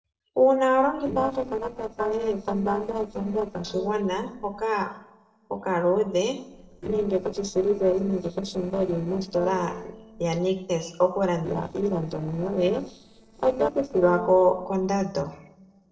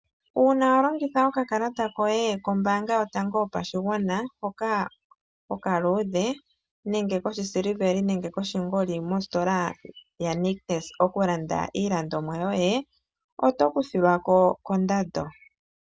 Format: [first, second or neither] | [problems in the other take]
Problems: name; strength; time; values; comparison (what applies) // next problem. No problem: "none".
second | noise reduction (neural separator model SepFormer DNS4)